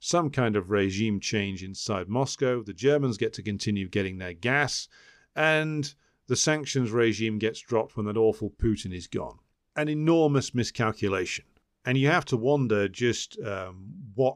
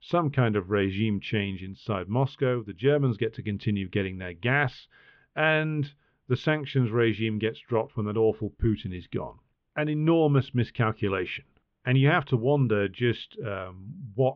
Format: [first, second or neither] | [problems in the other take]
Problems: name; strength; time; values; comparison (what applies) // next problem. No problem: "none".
first | muffled; very; fading above 3.5 kHz